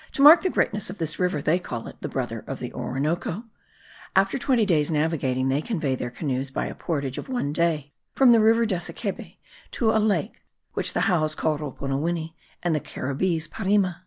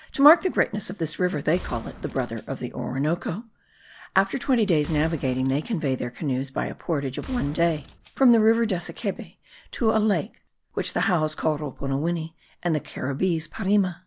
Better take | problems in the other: first | background sound (Gunshot, gunfire); 16 dB below the speech

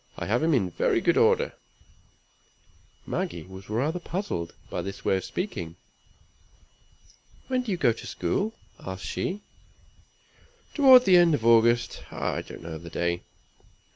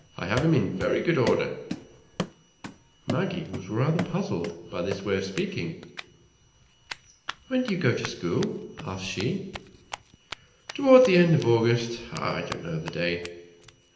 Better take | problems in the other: first | background sound (Run); 13 dB below the speech // room echo; dies away in 0.8 s

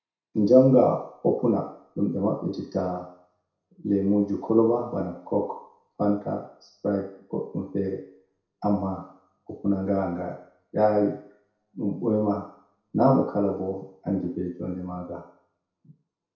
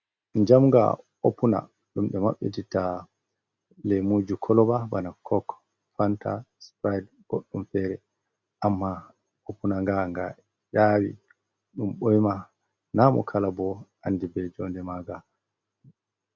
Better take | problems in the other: second | room echo; dies away in 0.6 s

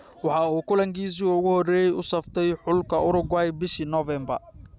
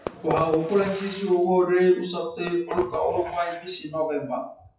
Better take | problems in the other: first | noise reduction (classical method WPE with log-MMSE)

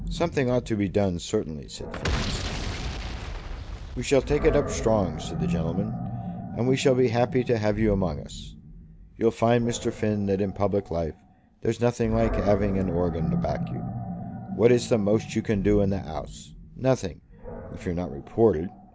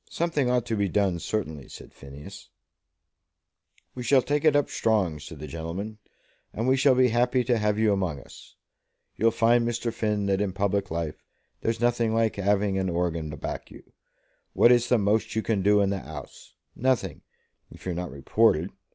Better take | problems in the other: second | background sound (Animal + Boom); 7 dB below the speech

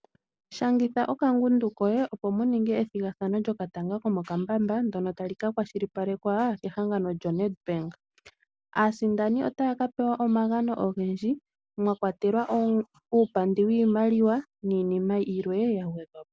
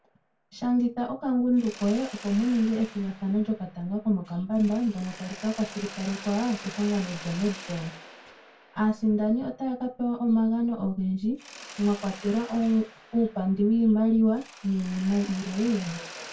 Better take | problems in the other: first | background sound (Mechanisms); 19 dB below the speech // room echo; dies away in 0.2 s

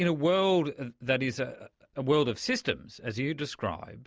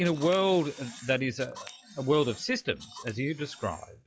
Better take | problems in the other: first | noise reduction (classical method log-MMSE)

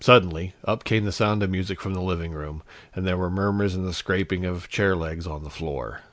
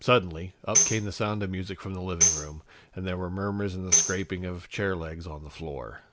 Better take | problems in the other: first | background sound (Tambourine); 1 dB above the speech

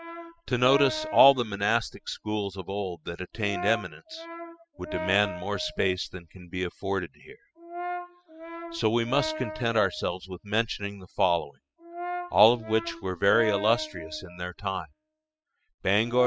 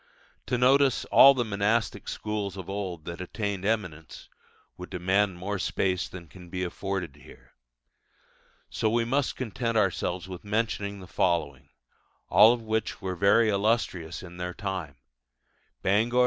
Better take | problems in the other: second | noise reduction (classical method spectral subtraction)

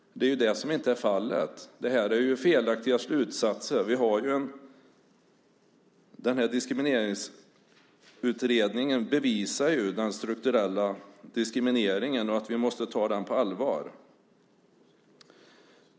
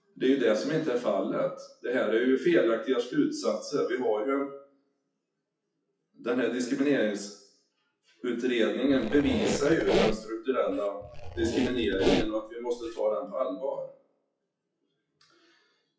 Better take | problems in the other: first | noise reduction (classical method WPE with log-MMSE)

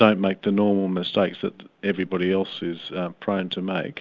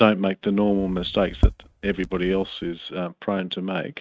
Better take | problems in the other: first | noise reduction (neural mask model RNNoise)

